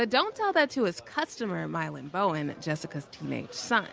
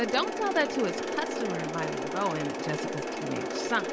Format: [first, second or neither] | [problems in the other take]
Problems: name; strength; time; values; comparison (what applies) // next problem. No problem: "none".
first | background sound (Mechanisms); 1 dB below the speech